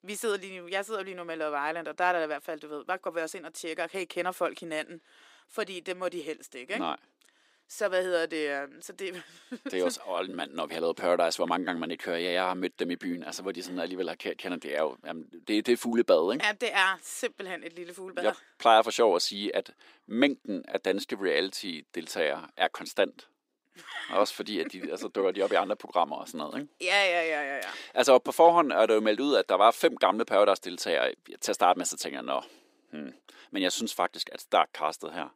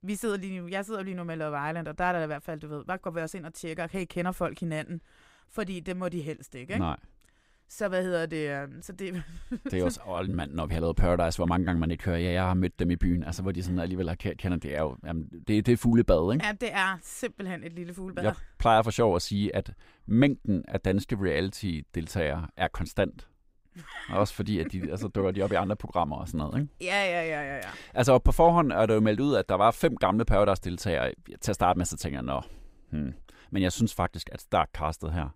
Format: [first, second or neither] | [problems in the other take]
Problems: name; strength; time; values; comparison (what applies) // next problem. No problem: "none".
second | thin; somewhat; fading below 300 Hz